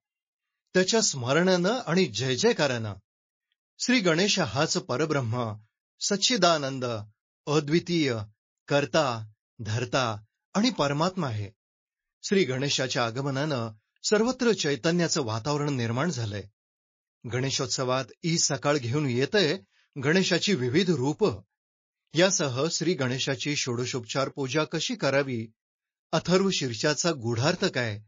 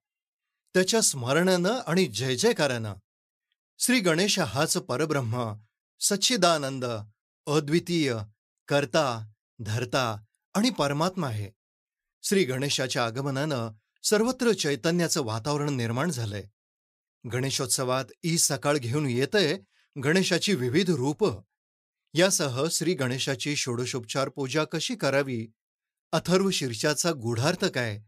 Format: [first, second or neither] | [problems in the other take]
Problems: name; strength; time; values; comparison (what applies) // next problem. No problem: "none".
second | garbled, watery; slightly